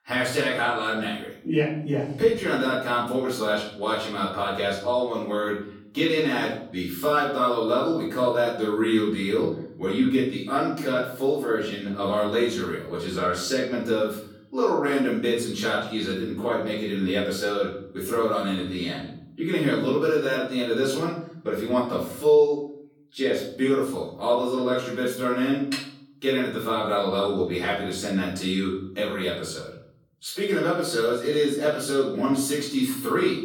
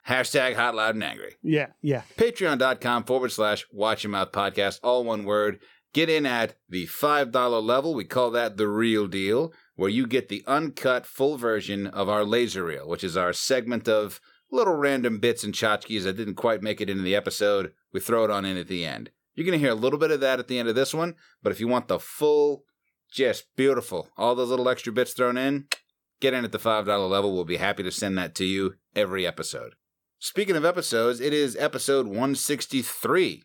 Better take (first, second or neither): second